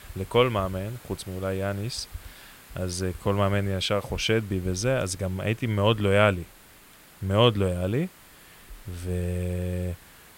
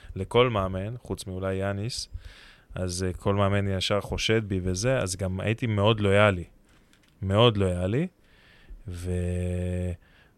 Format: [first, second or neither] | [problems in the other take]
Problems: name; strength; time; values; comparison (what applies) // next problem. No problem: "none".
second | hiss; faint; throughout; 25 dB below the speech